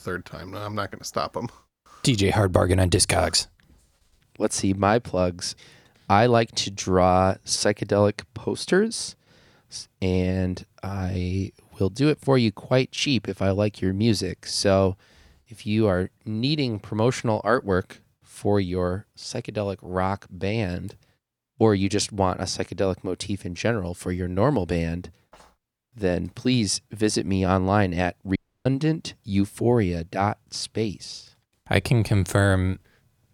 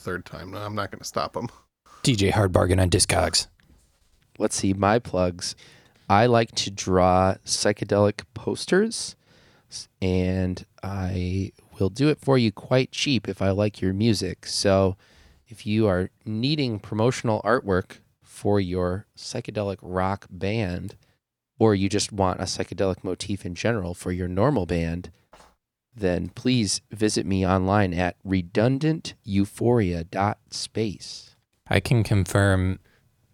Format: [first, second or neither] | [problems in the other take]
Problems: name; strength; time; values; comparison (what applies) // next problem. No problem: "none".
second | audio cutting out; at 28 s